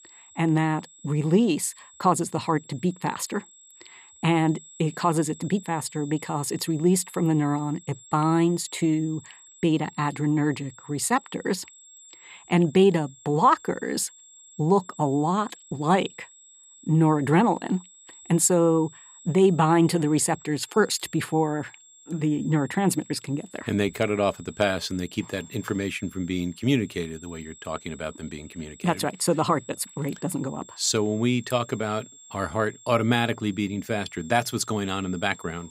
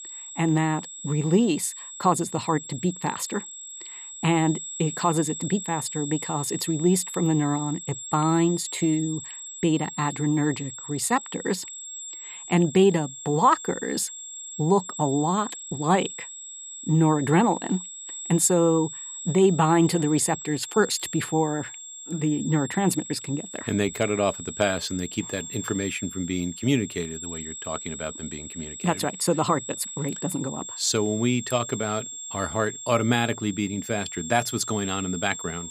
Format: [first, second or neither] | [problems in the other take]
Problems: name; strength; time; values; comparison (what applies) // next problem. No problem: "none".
first | high-pitched whine; loud; throughout; 7.5 kHz, 10 dB below the speech; faint in the first